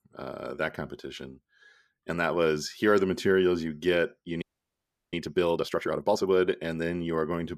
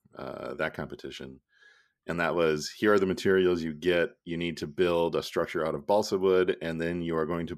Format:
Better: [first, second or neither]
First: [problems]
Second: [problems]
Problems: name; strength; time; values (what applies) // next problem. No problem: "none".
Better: second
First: audio freezing; at 4.5 s for 0.5 s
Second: none